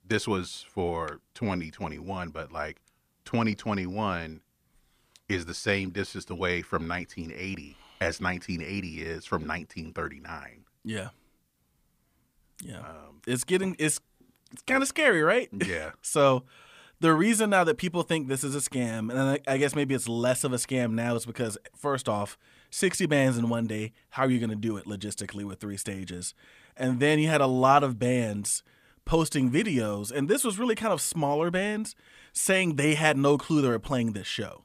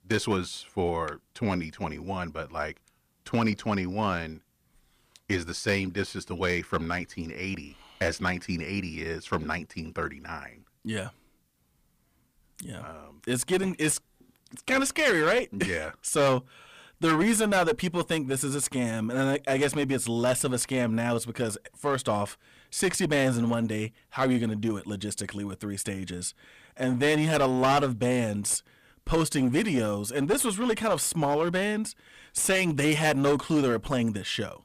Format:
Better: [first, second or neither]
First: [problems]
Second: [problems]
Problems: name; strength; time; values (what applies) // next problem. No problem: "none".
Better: first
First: none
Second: distortion; slight; 5% of the sound clipped